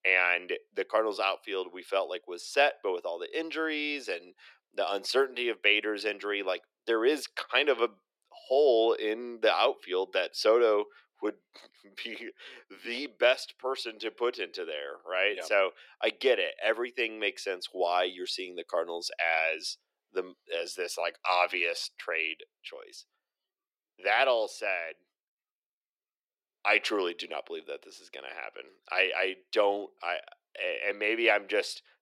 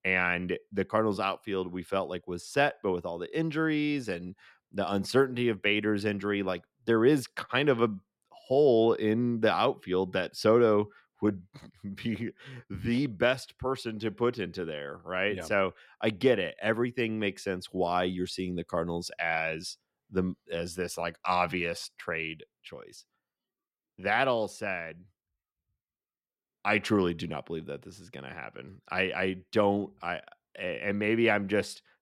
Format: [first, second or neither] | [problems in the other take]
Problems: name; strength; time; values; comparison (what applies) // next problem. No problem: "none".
second | thin; very; fading below 350 Hz